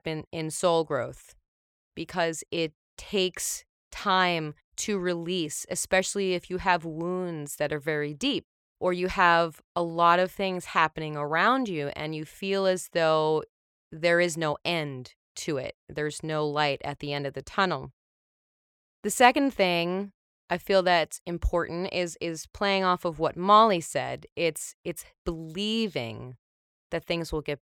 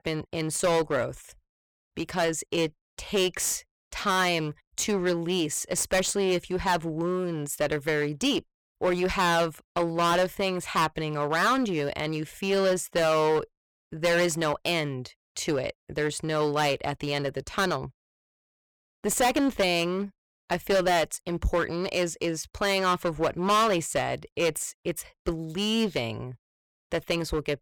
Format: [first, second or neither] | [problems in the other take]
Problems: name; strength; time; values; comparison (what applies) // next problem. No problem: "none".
first | distortion; heavy; 11% of the sound clipped